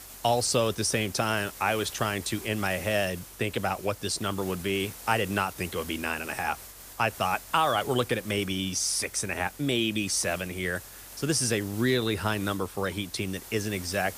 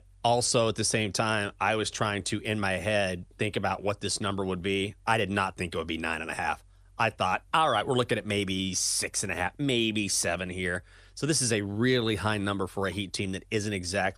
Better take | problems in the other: second | hiss; noticeable; throughout; 15 dB below the speech

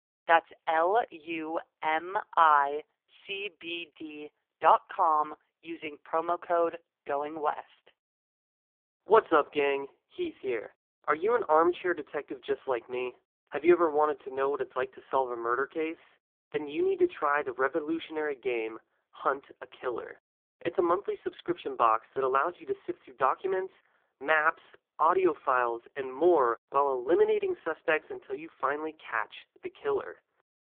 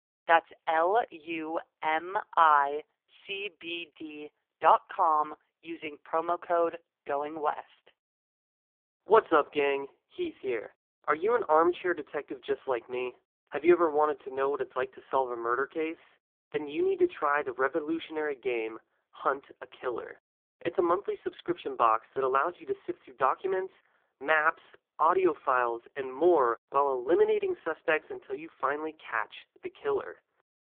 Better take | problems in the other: neither | phone-call audio; poor line; nothing above 3.5 kHz; the same in both

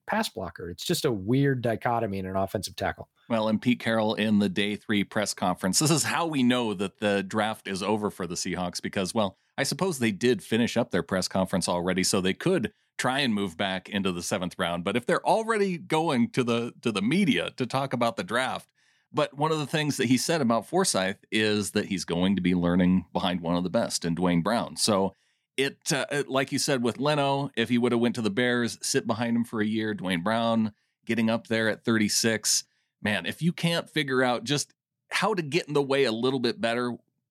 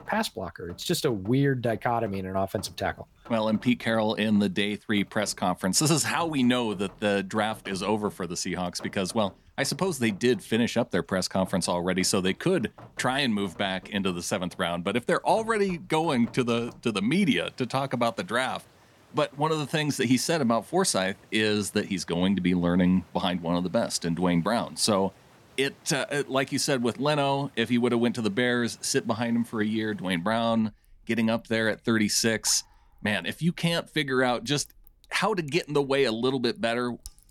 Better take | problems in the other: first | rain or running water; faint; throughout; 25 dB below the speech

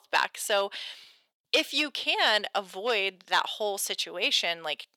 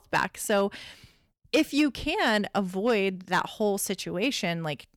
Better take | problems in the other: second | thin; very; fading below 650 Hz

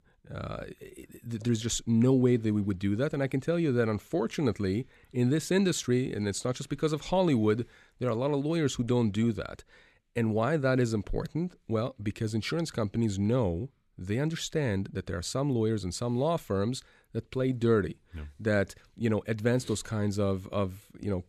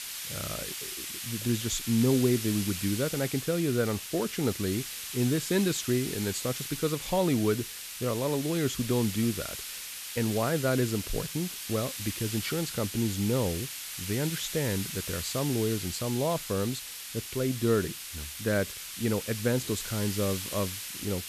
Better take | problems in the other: first | hiss; loud; throughout; 6 dB below the speech

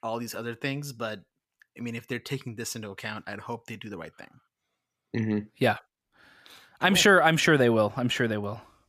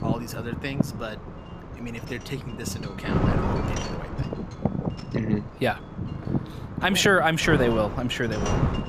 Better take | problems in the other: first | wind noise on the microphone; heavy; 8 dB below the speech

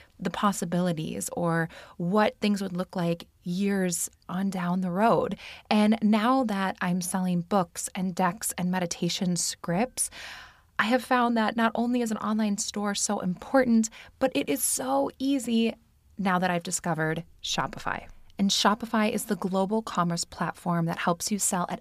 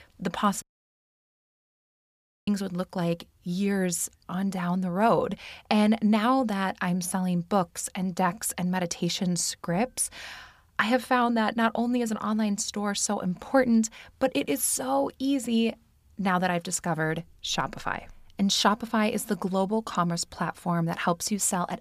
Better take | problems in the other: first | audio cutting out; at 0.5 s for 2 s

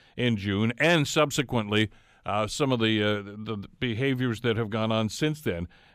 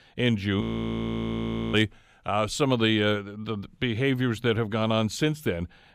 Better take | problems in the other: first | audio freezing; at 0.5 s for 1 s

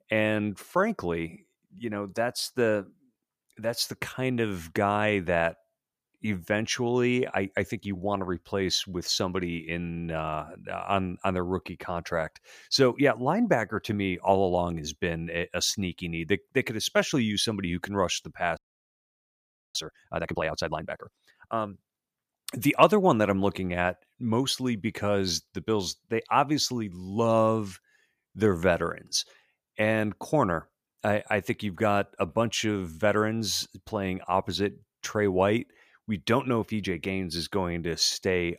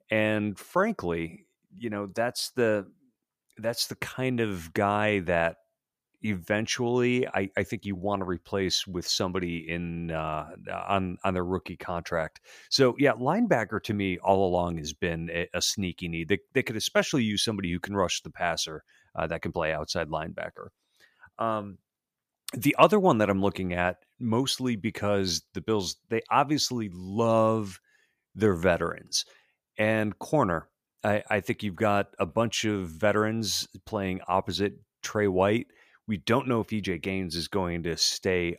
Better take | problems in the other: second | audio freezing; at 19 s for 1 s

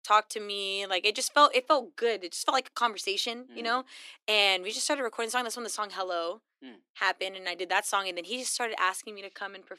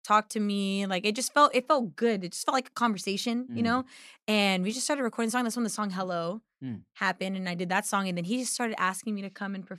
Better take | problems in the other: second | thin; very; fading below 300 Hz

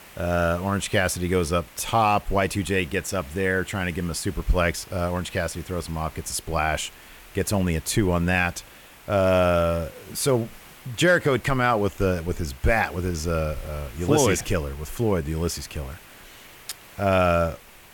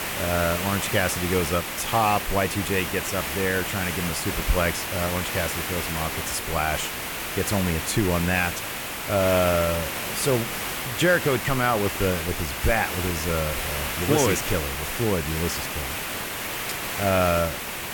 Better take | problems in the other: first | hiss; loud; throughout; 3 dB below the speech; faint in the first

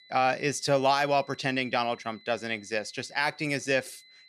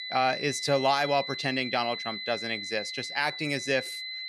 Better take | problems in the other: first | high-pitched whine; loud; throughout; 4 kHz, 6 dB below the speech; faint in the first

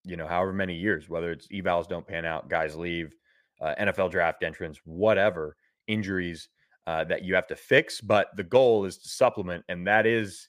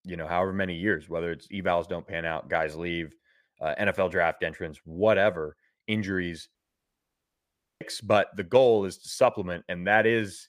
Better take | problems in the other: first | audio cutting out; at 6.5 s for 1.5 s

